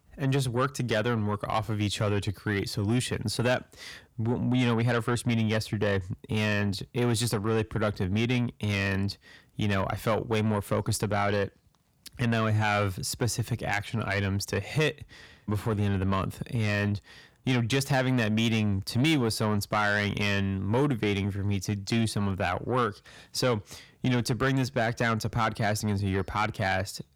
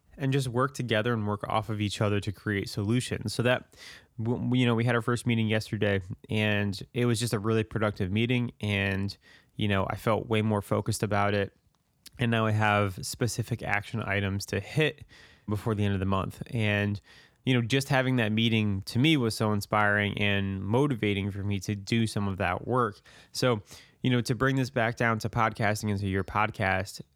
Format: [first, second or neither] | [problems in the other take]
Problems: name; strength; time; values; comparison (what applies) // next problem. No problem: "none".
second | distortion; slight; 10 dB below the speech